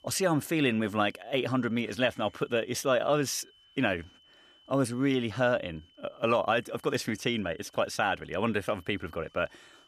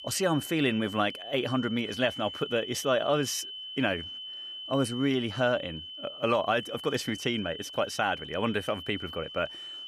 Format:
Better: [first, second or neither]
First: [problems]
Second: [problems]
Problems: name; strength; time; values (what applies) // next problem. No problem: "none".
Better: first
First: high-pitched whine; faint; throughout; 3 kHz, 30 dB below the speech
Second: high-pitched whine; loud; throughout; 3 kHz, 9 dB below the speech